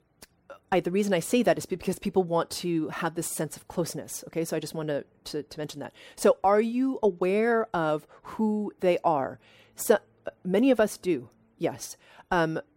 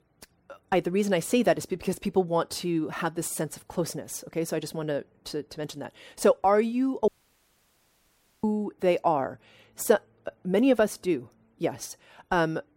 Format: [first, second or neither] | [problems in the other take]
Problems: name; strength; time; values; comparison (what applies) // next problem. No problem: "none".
first | audio cutting out; at 7 s for 1.5 s